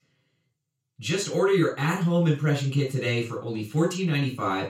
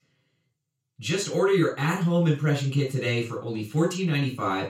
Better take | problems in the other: neither | room echo; noticeable; dies away in 0.3 s; the same in both // off-mic speech; far; the same in both

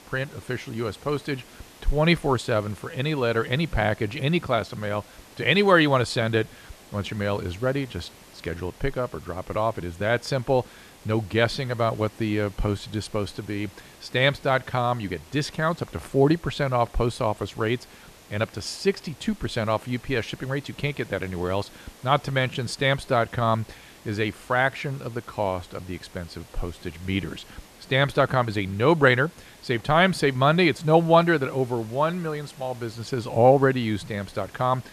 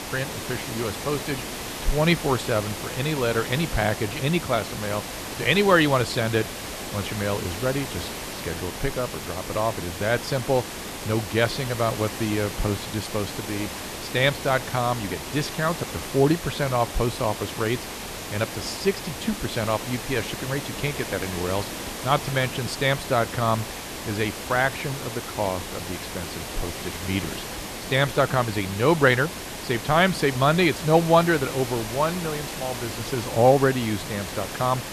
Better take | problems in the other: first | hiss; loud; throughout; 8 dB below the speech; faint in the first

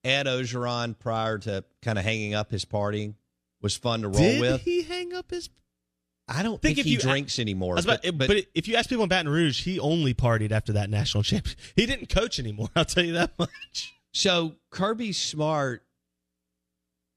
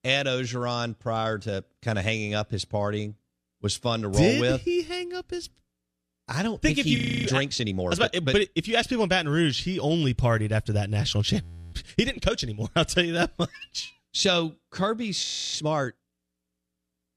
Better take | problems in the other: first | audio freezing; at 7 s, at 11 s and at 15 s

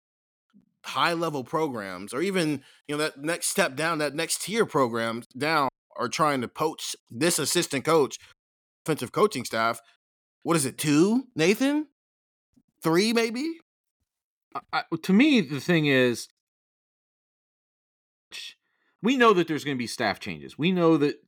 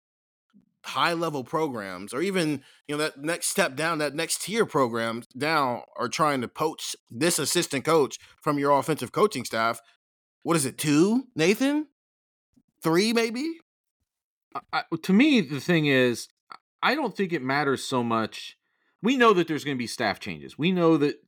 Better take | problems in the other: second | audio cutting out; at 5.5 s, at 8.5 s for 0.5 s and at 16 s for 2 s

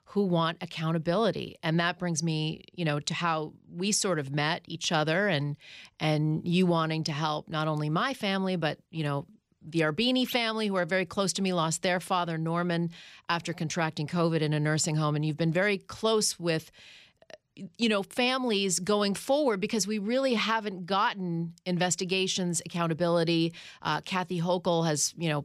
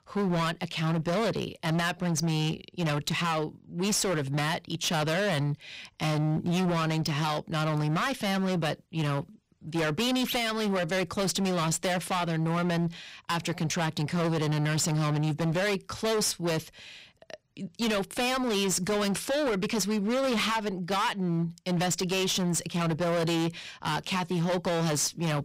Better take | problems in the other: first | distortion; heavy; 28% of the sound clipped

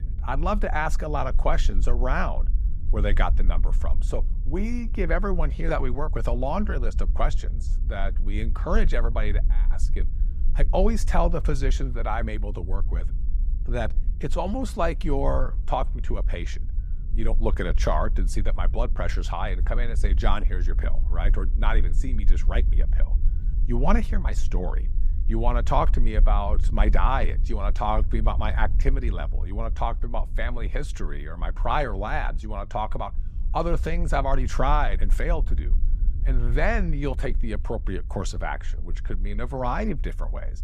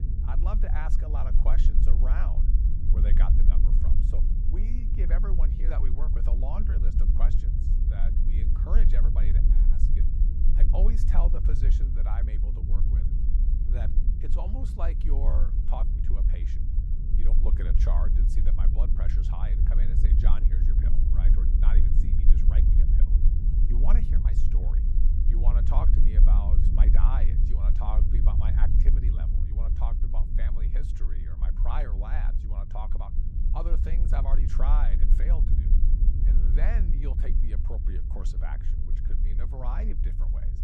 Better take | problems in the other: first | low rumble; loud; throughout; 3 dB below the speech; faint in the first

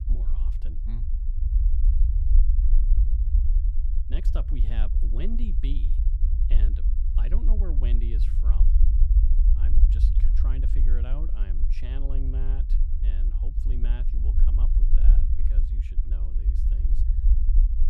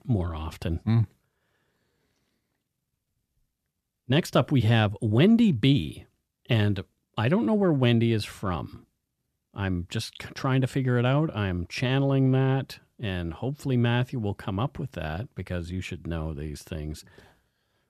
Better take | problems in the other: second | low rumble; loud; throughout; 1 dB below the speech

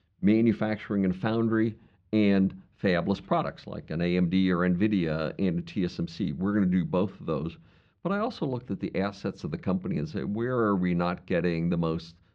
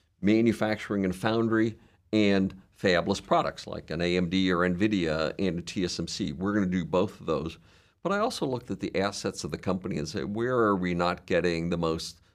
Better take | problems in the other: second | muffled; very slightly; fading above 3.5 kHz

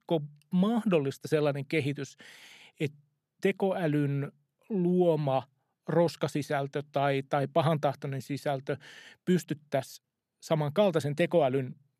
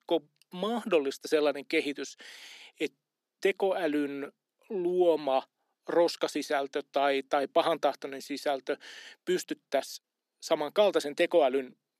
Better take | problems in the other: first | thin; somewhat; fading below 250 Hz

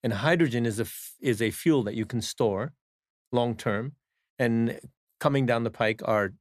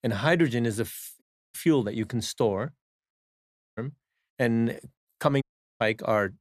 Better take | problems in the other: first | audio cutting out; at 1 s, at 3 s for 0.5 s and at 5.5 s

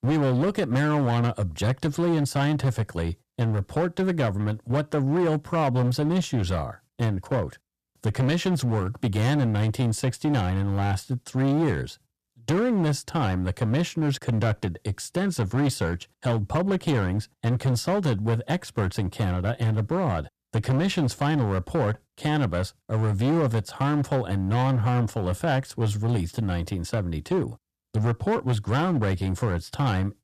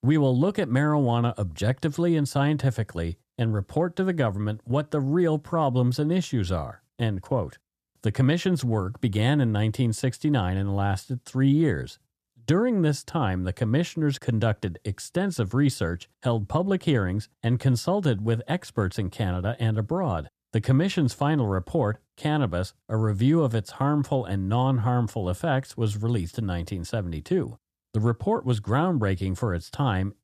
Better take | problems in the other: second | distortion; slight; 15% of the sound clipped

